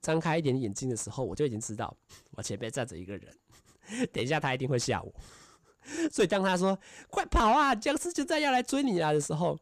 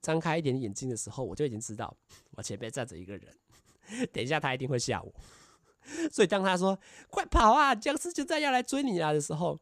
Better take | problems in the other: second | distortion; slight; 10 dB below the speech

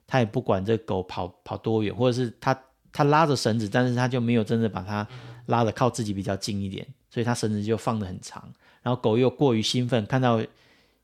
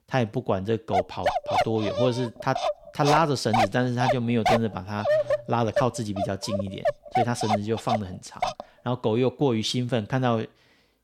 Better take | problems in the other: first | dog barking; loud; from 1 to 8.5 s; peak 3 dB above the speech

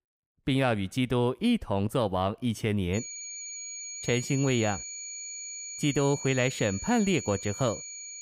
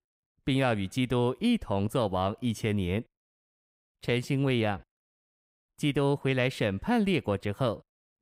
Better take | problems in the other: second | high-pitched whine; loud; from 3 s on; 7 kHz, 9 dB below the speech

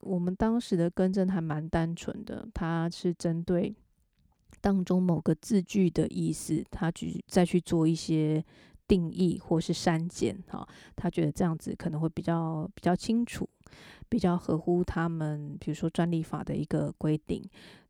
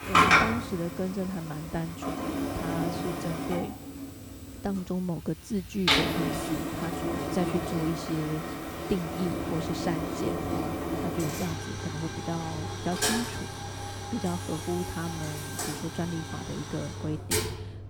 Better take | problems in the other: first | household noises; very loud; throughout; 4 dB above the speech

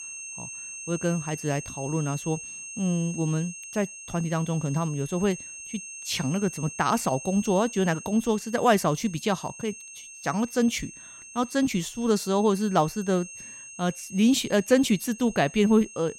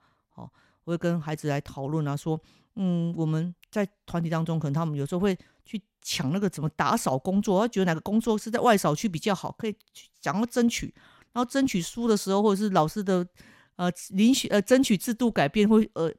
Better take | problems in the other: second | high-pitched whine; noticeable; throughout; 6.5 kHz, 15 dB below the speech

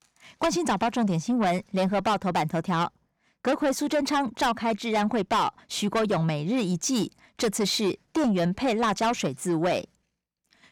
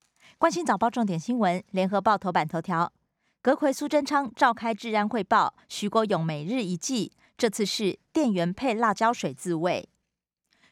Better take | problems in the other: second | distortion; heavy; 7 dB below the speech

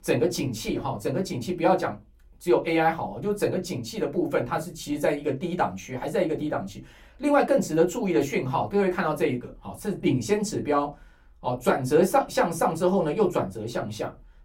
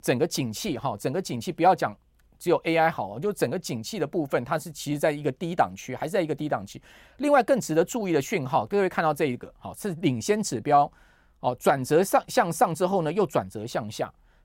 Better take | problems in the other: second | off-mic speech; far // room echo; very slight; dies away in 0.2 s

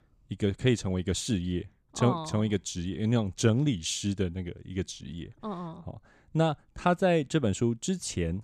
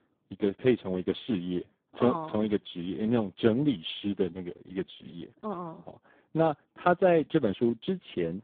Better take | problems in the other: first | phone-call audio; poor line

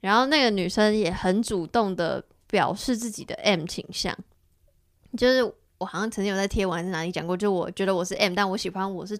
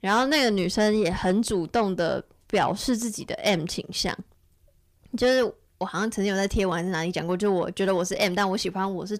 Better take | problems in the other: first | distortion; slight; 10 dB below the speech

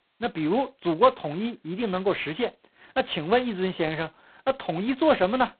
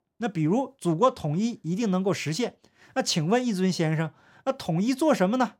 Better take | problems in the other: second | phone-call audio; poor line; nothing above 4 kHz

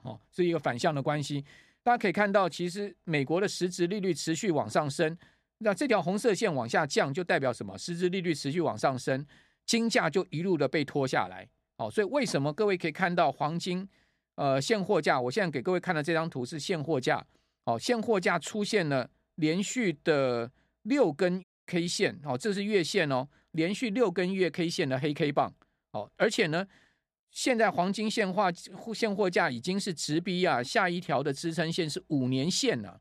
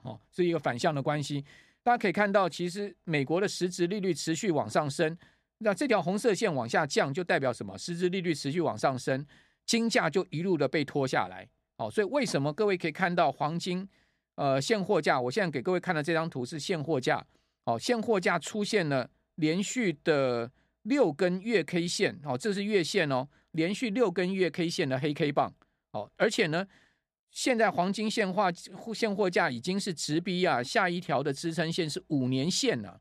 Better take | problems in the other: second | audio cutting out; at 21 s

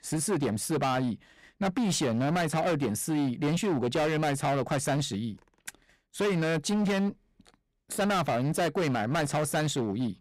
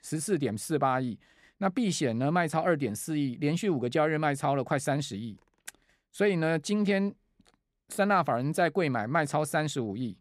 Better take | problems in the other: second | distortion; heavy; 21% of the sound clipped

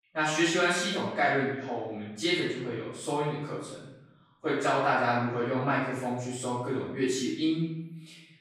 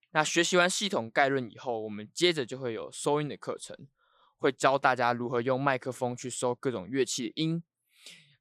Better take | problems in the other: second | off-mic speech; far // room echo; strong; dies away in 0.9 s

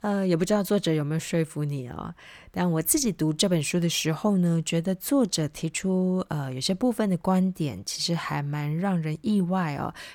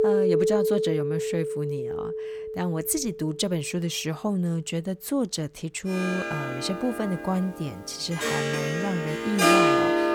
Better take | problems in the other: first | background music; very loud; throughout; 3 dB above the speech

